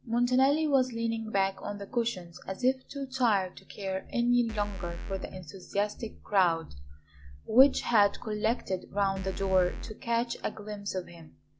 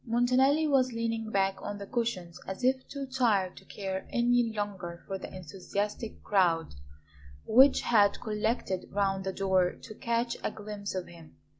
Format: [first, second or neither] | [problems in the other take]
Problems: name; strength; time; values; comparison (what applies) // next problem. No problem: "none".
second | background sound (Bass drum / Keyboard (musical)); 6 dB below the speech